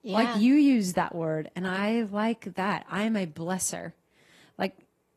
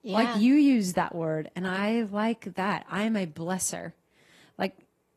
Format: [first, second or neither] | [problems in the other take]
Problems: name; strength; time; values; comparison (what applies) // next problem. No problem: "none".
neither | garbled, watery; slightly; nothing above 14 kHz; the same in both